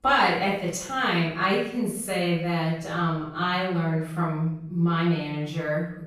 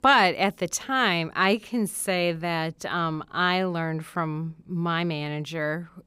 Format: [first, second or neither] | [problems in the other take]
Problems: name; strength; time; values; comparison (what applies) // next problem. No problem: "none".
second | off-mic speech; far // room echo; noticeable; dies away in 0.7 s